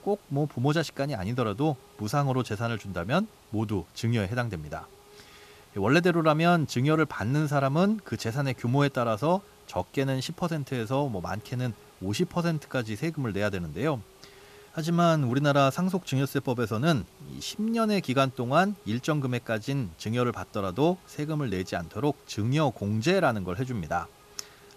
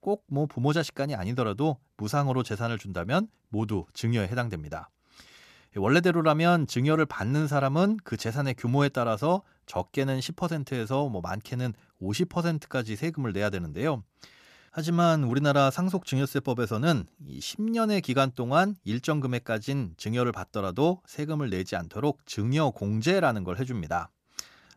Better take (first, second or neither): second